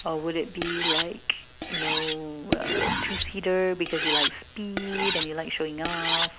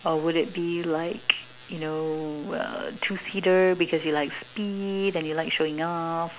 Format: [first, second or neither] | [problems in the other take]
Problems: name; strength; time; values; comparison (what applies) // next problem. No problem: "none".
second | background sound (Cutlery, silverware); 1 dB above the speech